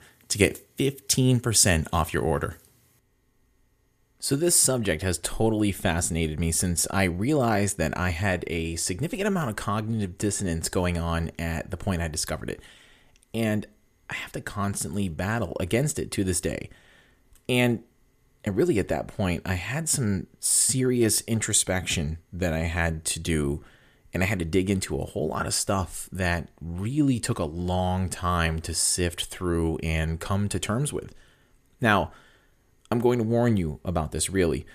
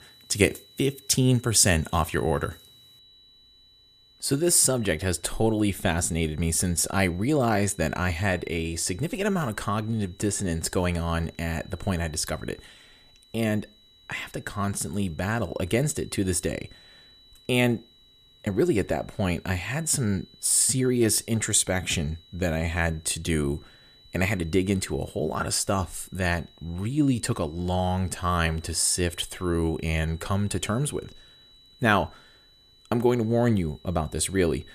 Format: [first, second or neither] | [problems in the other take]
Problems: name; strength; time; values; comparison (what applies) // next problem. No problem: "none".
first | high-pitched whine; faint; throughout; 4 kHz, 25 dB below the speech